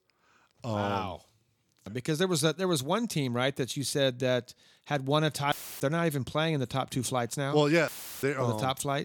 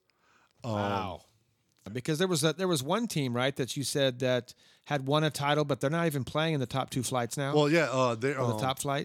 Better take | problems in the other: second | audio cutting out; filled with static; at 5.5 s and at 8 s

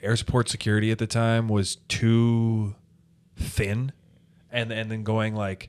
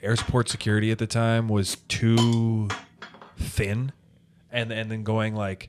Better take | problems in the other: first | hiss; noticeable; until 4 s; 10 dB below the speech

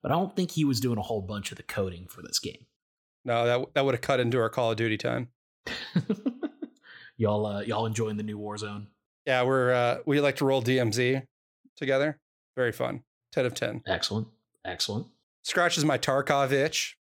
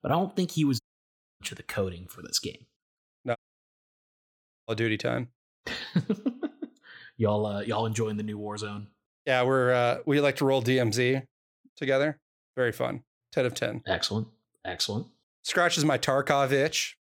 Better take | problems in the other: first | audio cutting out; at 1 s for 0.5 s and at 3.5 s for 1.5 s

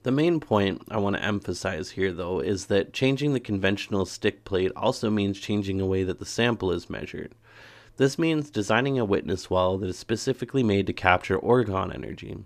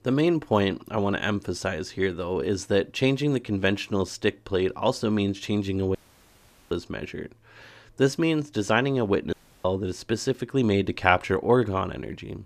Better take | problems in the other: first | audio cutting out; at 6 s for 1 s and at 9.5 s

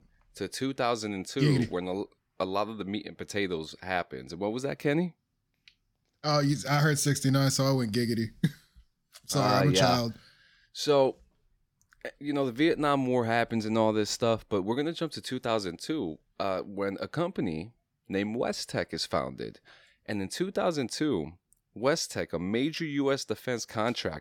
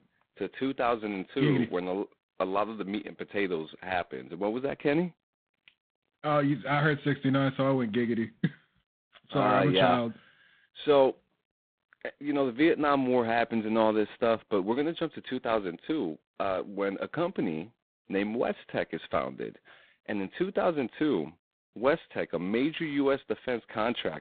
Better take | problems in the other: first | phone-call audio; poor line; nothing above 4 kHz

